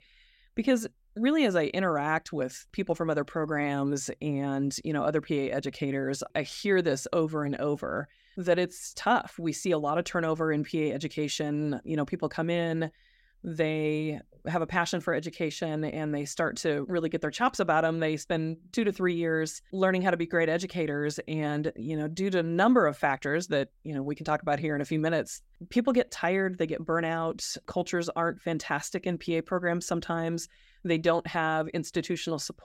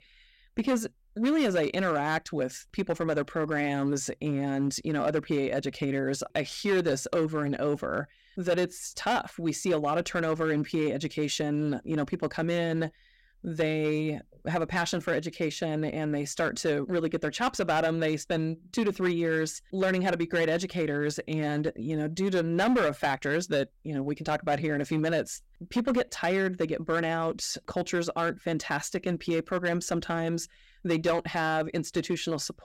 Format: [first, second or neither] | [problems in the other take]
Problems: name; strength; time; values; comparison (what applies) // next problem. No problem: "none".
first | distortion; slight; 6% of the sound clipped